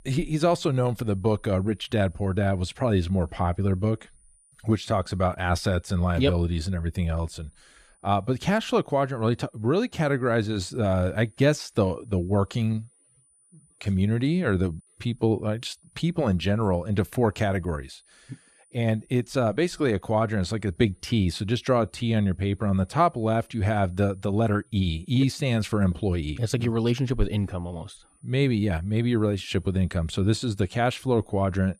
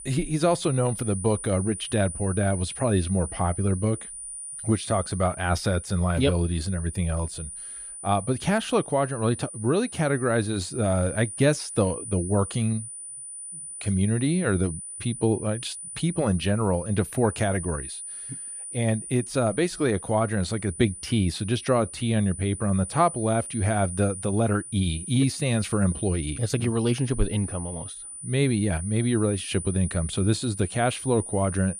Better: first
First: high-pitched whine; faint; throughout; 9.5 kHz, 35 dB below the speech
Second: high-pitched whine; loud; throughout; 9.5 kHz, 10 dB below the speech

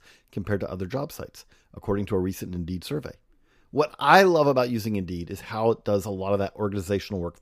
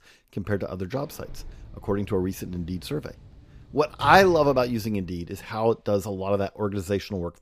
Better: first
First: none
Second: door banging; faint; from 1 to 5 s; peak 10 dB below the speech

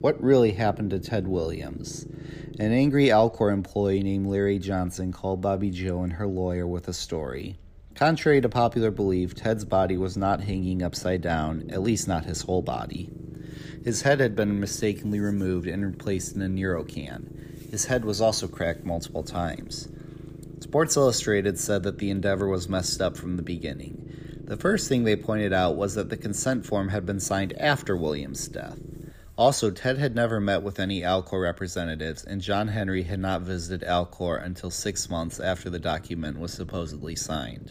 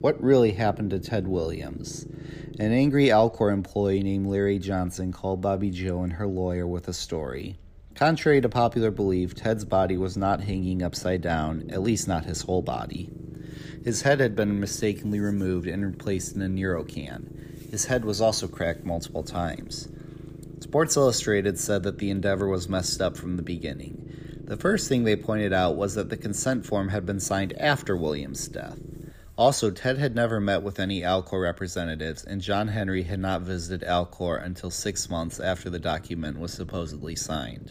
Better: neither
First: low rumble; faint; throughout; 20 dB below the speech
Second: low rumble; faint; throughout; 20 dB below the speech

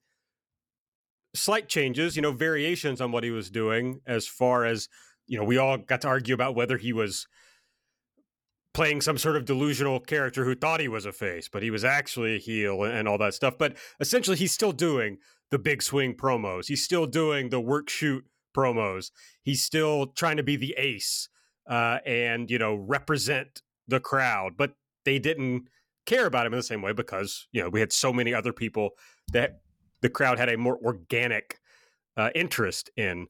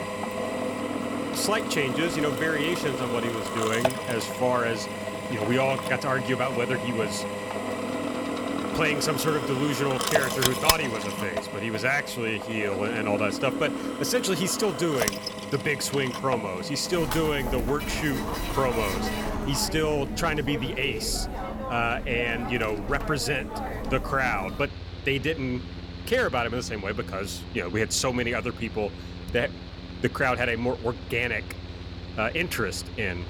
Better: first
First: none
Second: machinery noise; loud; throughout; 4 dB below the speech

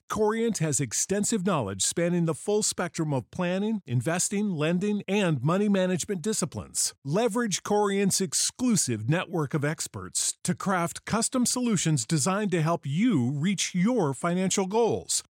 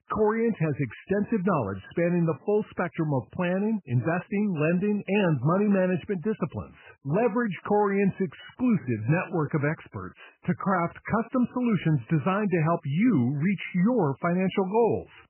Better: first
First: none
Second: garbled, watery; badly; nothing above 3 kHz

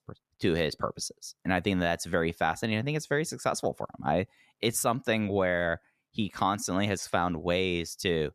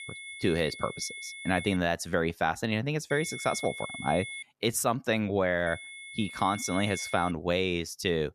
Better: first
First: none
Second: high-pitched whine; loud; until 2 s, from 3 to 4.5 s and from 5.5 to 7.5 s; 2 kHz, 10 dB below the speech

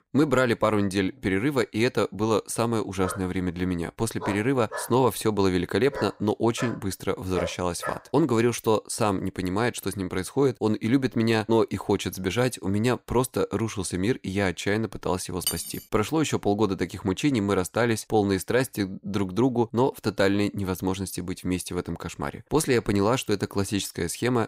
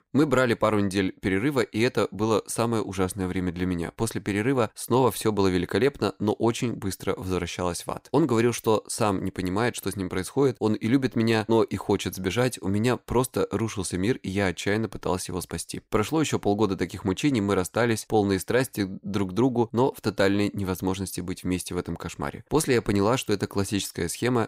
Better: second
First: dog barking; noticeable; from 3 to 8 s; peak 8 dB below the speech // clattering dishes; noticeable; at 15 s; peak 3 dB below the speech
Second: none

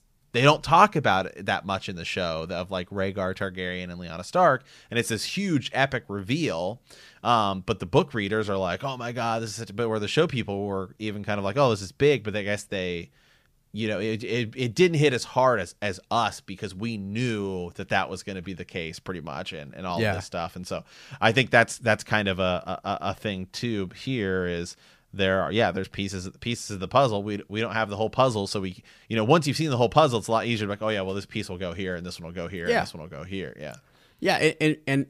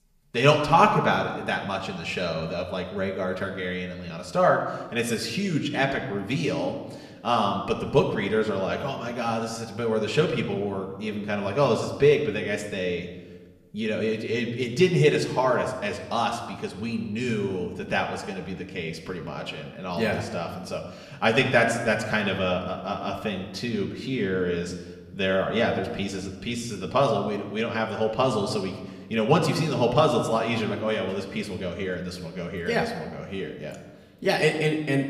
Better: first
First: none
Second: room echo; slight; dies away in 1 s // off-mic speech; somewhat distant

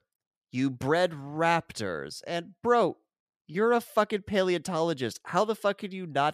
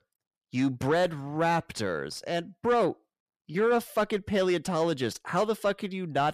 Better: first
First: none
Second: distortion; slight; 10 dB below the speech

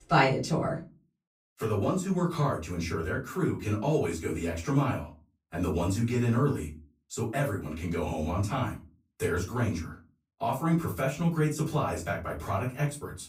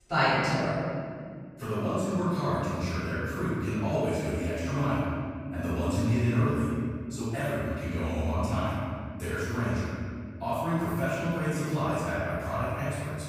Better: first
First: room echo; slight; dies away in 0.3 s // off-mic speech; far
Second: room echo; strong; dies away in 2.2 s // off-mic speech; far

